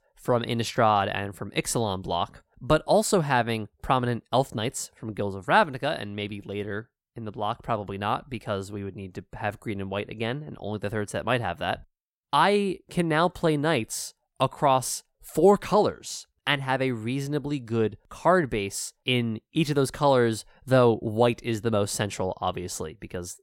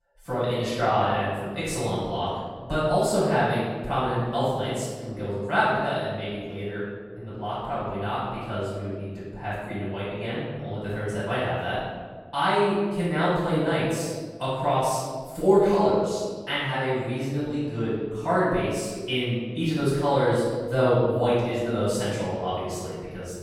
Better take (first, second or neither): first